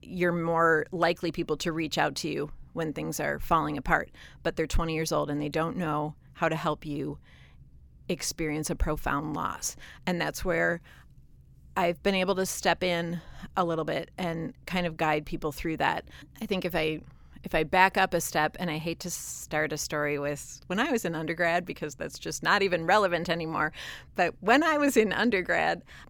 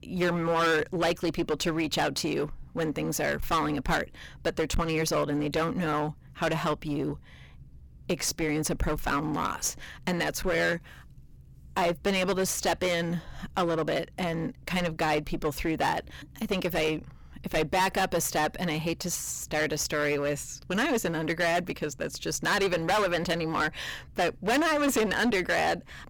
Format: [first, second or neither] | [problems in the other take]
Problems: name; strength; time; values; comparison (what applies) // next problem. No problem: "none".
first | distortion; heavy; 13% of the sound clipped